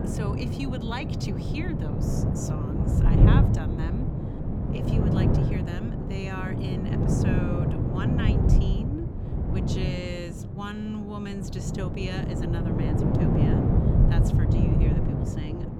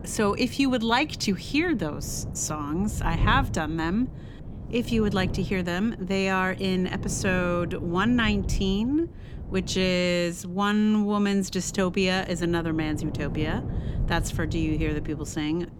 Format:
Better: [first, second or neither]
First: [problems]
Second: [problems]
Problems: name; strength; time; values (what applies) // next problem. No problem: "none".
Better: second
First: wind noise on the microphone; heavy; 4 dB above the speech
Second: wind noise on the microphone; occasional gusts; 15 dB below the speech